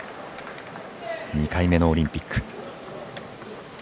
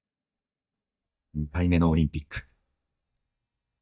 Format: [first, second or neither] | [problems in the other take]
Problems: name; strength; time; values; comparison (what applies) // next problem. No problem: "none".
first | noise reduction (neural mask model DeepFilterNet 3)